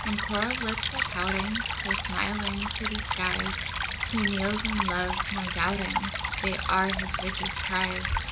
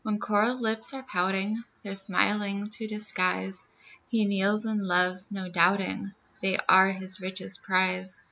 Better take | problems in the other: second | background sound (Stream / Trickle, dribble); 1 dB above the speech // room echo; dies away in 0.3 s

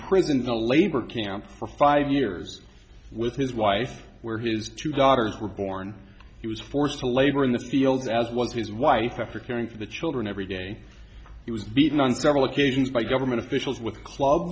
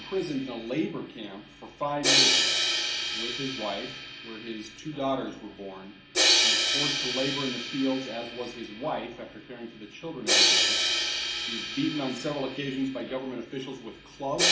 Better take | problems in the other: first | background sound (Crash cymbal); 5 dB above the speech // room echo; dies away in 0.4 s

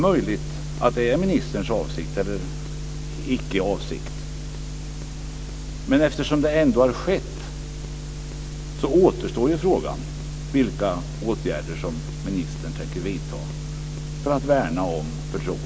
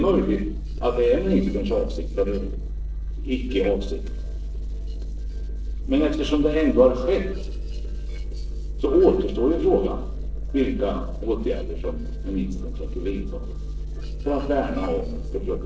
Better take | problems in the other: first | noise reduction (neural separator model SepFormer DNS4)

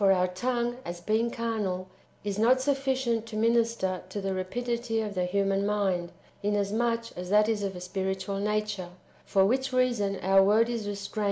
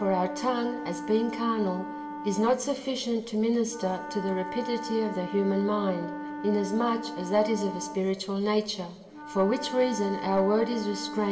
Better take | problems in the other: first | background sound (Wind instrument, woodwind instrument); 10 dB below the speech // room echo; dies away in 1.5 s

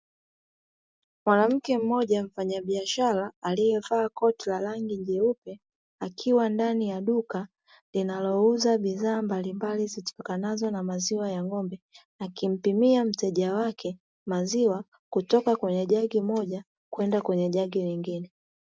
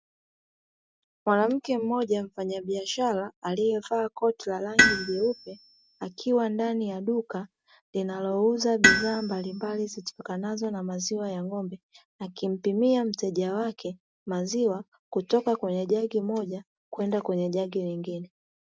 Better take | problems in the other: first | background sound (Tools); 1 dB below the speech

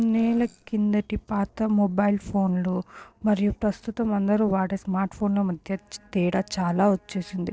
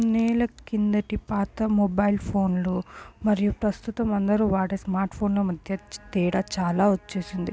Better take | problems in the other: second | noise reduction (neural separator model SepFormer DNS4)

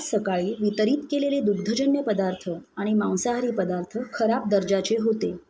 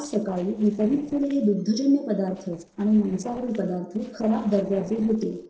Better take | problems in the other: first | noise reduction (neural separator model SepFormer DNS4)

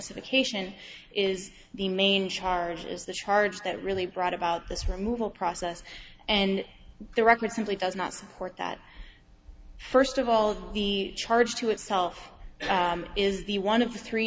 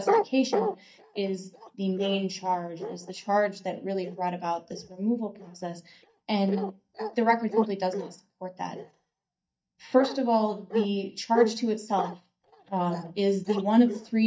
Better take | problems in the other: first | noise reduction (neural mask model DeepFilterNet 3)

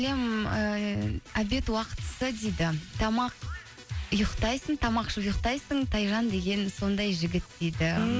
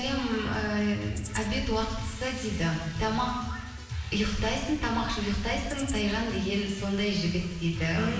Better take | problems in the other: first | background sound (Rattle (instrument)); 15 dB below the speech // room echo; dies away in 1.3 s

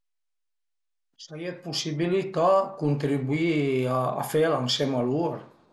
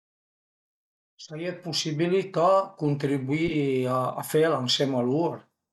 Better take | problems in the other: first | noise reduction (neural mask model DeepFilterNet 3)

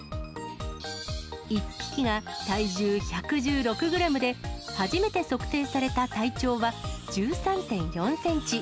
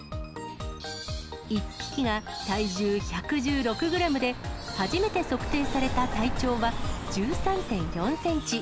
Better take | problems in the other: first | background sound (Car passing by); 7 dB below the speech

